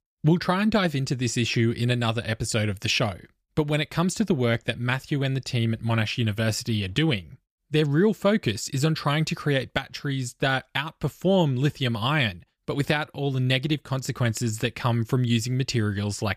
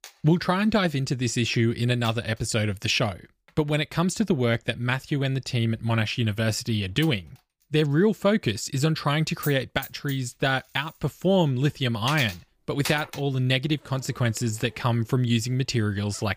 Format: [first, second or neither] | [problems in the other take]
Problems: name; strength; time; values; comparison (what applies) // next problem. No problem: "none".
first | household noises; noticeable; throughout; 15 dB below the speech